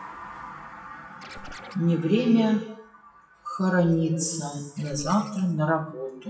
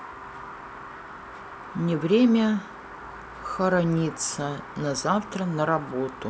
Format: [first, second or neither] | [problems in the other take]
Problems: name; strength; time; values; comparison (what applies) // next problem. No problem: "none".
second | noise reduction (classical method WPE with log-MMSE)